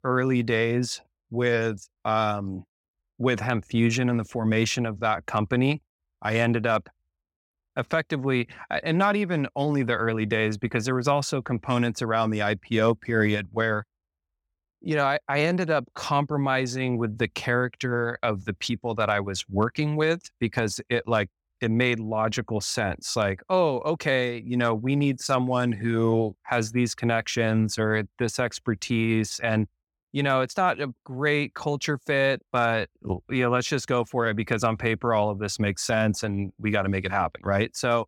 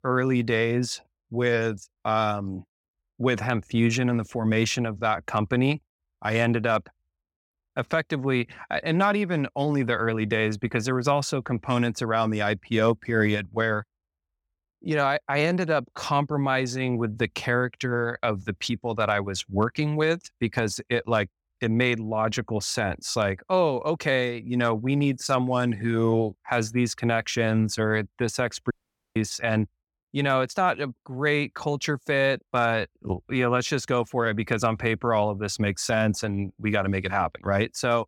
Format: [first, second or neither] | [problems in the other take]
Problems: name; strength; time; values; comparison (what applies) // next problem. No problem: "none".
first | audio cutting out; at 29 s